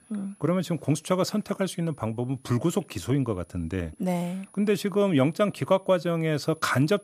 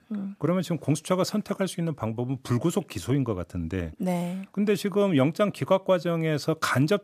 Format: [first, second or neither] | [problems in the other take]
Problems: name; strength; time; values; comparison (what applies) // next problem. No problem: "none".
second | high-pitched whine; faint; throughout; 10.5 kHz, 30 dB below the speech